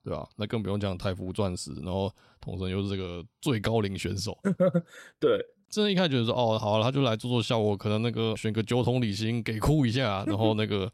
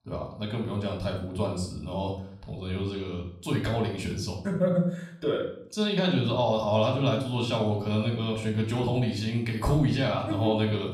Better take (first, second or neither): first